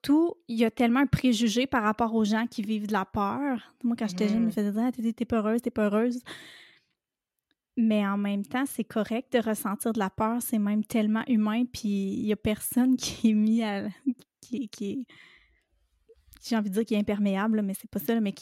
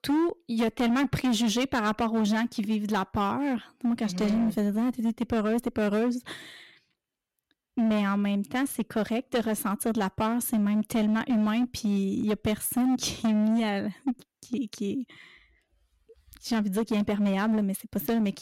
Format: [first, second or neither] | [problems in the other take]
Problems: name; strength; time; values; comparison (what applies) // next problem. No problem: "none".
first | distortion; slight; 14% of the sound clipped